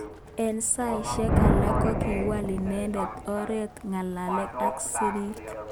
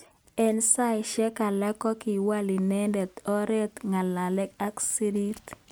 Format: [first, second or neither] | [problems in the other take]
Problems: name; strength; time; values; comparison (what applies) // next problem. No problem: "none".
second | background sound (Thunder + Livestock, farm animals, working animals); 2 dB above the speech